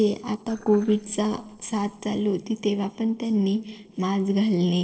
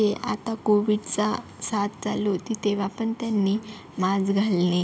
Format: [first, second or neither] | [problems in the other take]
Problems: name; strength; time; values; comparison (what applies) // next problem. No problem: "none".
second | noise reduction (neural separator model SepFormer DNS4)